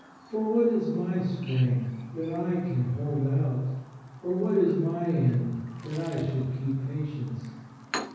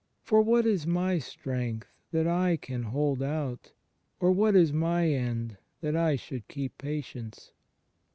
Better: second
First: background sound (Chirp, tweet); 18 dB below the speech // room echo; dies away in 1.3 s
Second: none

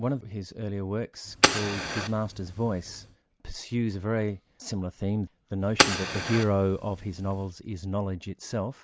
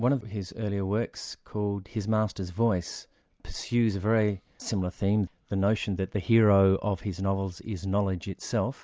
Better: second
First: background sound (Fire); 1 dB above the speech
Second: none

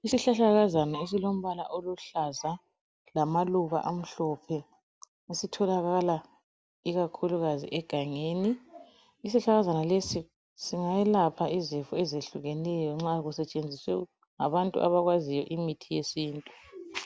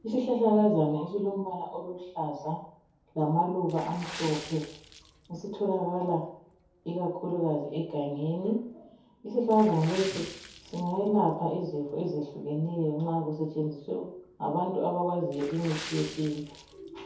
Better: first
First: none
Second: background sound (Water / Splash, splatter); 19 dB below the speech // room echo; dies away in 0.6 s

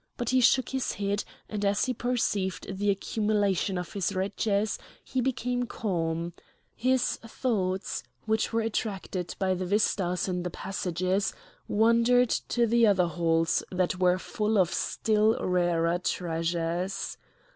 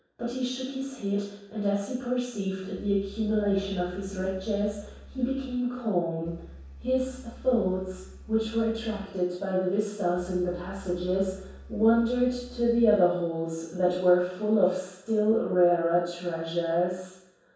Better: first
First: none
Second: background sound (Engine); 17 dB below the speech // room echo; dies away in 0.7 s

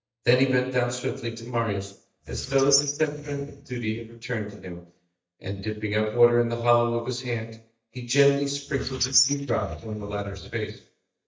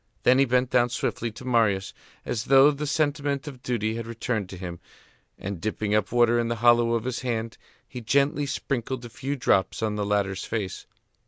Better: second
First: noise reduction (neural mask model DeepFilterNet 3)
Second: none

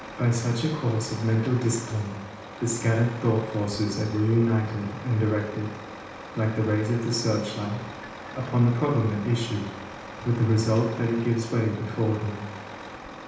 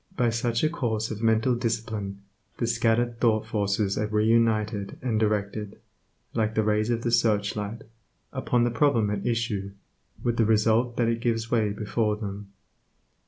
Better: second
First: background sound (Truck); 14 dB below the speech // room echo; dies away in 0.9 s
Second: none

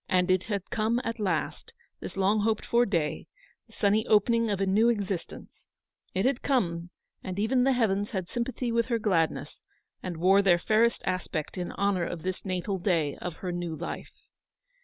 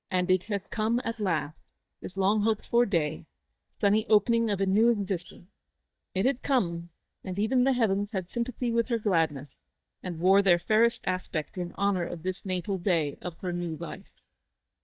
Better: first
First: none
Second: noise reduction (neural mask model DeepFilterNet 3)

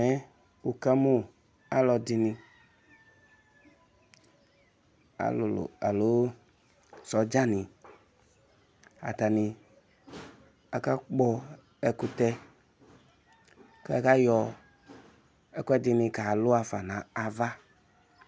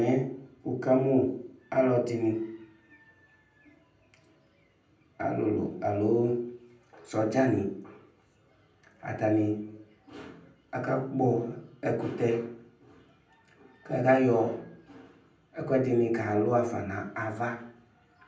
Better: first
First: none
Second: room echo; dies away in 0.6 s

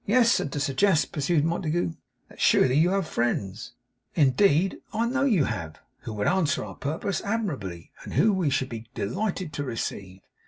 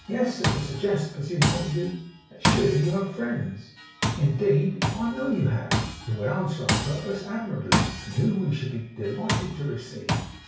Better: first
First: none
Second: background sound (Tools); 3 dB below the speech // room echo; dies away in 0.6 s

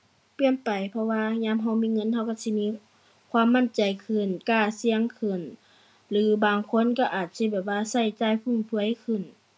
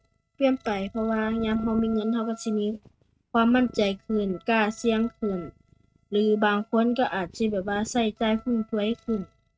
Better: first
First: none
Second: noise reduction (neural mask model RNNoise)

